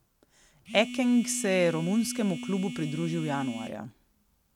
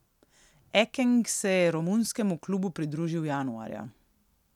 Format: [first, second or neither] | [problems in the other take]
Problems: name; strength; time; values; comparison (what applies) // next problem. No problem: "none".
second | background sound (Telephone); 10 dB below the speech